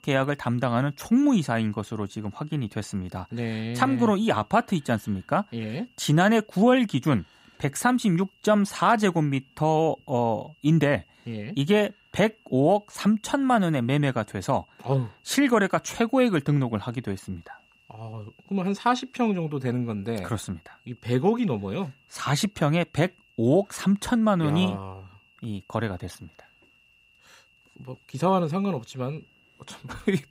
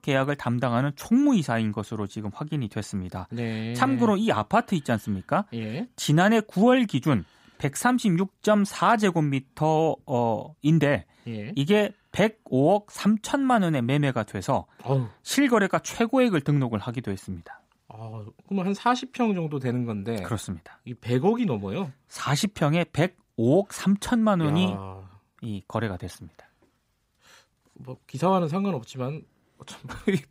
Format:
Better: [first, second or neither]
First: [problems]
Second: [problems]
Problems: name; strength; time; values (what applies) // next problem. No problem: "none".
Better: second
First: high-pitched whine; faint; throughout; 2.5 kHz, 35 dB below the speech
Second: none